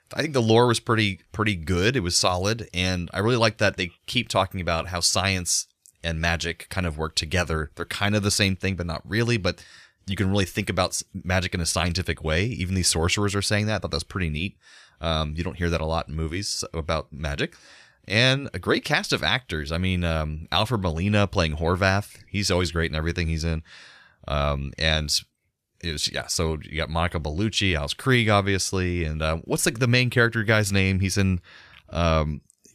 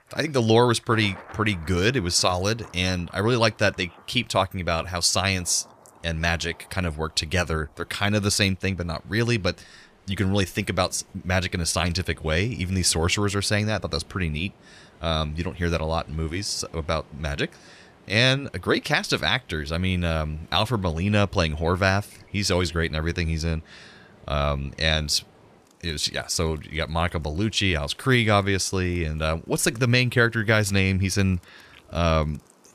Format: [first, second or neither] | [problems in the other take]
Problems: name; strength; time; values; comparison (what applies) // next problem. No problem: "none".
first | rain or running water; faint; throughout; 30 dB below the speech